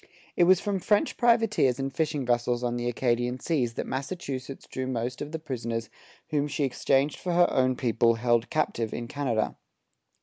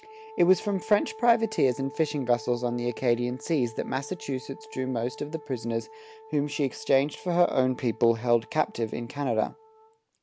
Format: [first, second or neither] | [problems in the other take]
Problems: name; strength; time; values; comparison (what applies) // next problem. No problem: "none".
first | background sound (Wind instrument, woodwind instrument); 19 dB below the speech